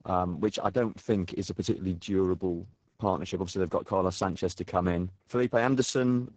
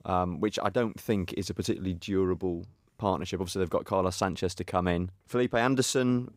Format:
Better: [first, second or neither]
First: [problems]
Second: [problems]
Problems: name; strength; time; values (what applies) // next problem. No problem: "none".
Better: second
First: garbled, watery; badly; nothing above 7.5 kHz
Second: none